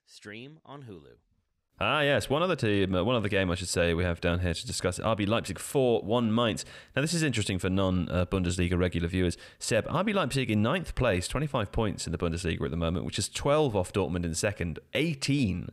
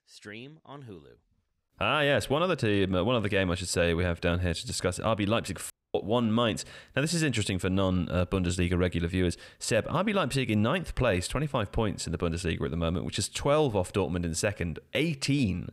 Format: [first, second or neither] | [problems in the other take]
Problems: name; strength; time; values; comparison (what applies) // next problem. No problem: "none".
first | audio cutting out; at 5.5 s